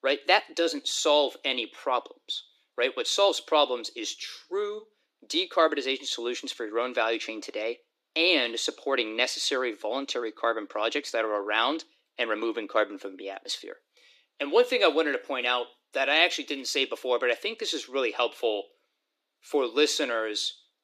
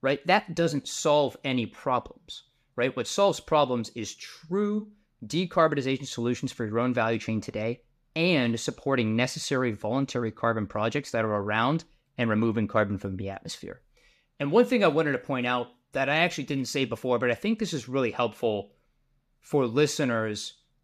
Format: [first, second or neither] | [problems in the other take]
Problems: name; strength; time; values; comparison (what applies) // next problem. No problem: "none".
second | thin; somewhat; fading below 300 Hz